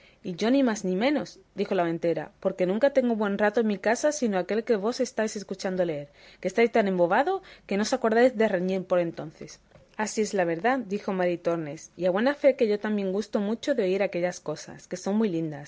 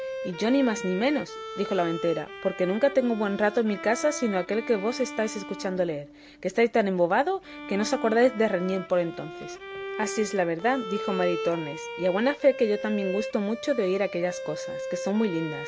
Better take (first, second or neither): first